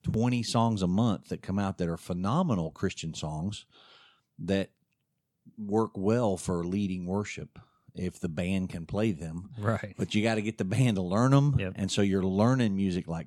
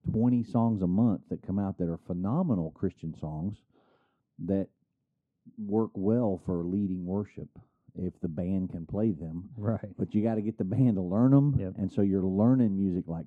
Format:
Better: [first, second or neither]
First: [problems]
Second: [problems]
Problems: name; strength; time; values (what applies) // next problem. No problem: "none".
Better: first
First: none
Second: muffled; very; fading above 1.5 kHz